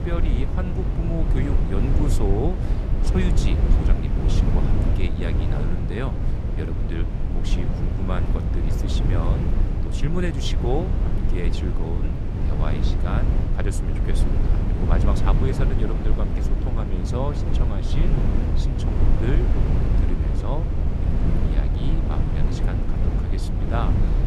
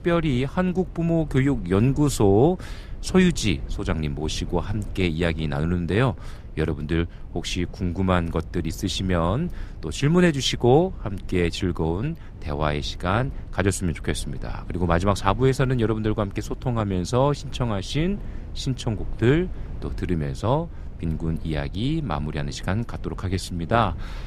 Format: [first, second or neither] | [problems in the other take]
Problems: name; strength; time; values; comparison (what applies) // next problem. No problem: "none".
second | low rumble; loud; throughout; as loud as the speech; faint in the second